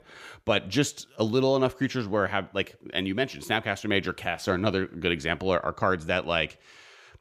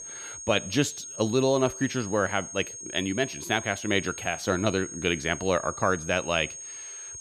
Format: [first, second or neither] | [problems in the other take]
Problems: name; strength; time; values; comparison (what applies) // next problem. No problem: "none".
first | high-pitched whine; loud; throughout; 6.5 kHz, 10 dB below the speech